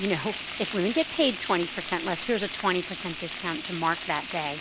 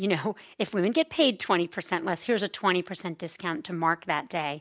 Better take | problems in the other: second | background sound (Frying (food)); 8 dB below the speech

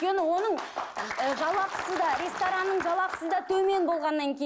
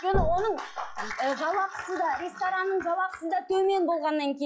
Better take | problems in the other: first | noise reduction (classical method log-MMSE)

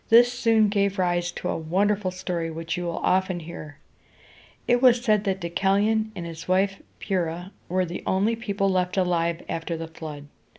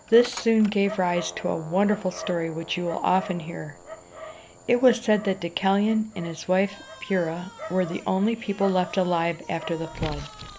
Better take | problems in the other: first | background sound (Dog); 15 dB below the speech

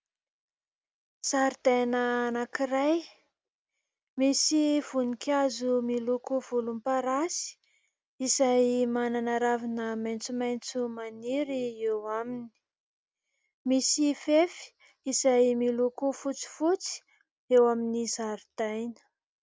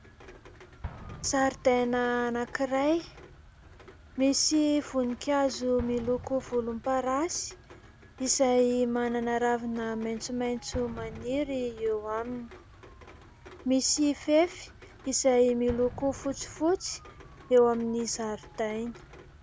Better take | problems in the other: first | background sound (Rain + Explosion); 18 dB below the speech

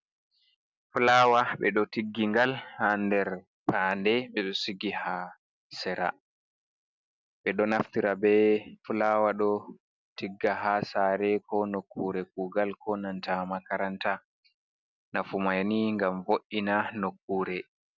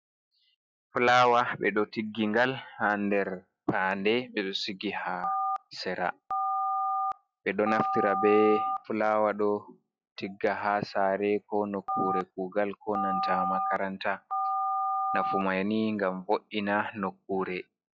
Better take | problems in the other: first | noise reduction (classical method log-MMSE)

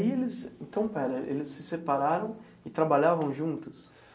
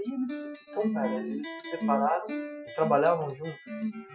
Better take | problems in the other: first | noise reduction (classical method Wiener filter)

